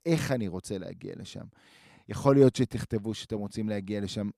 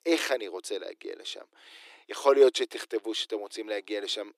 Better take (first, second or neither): first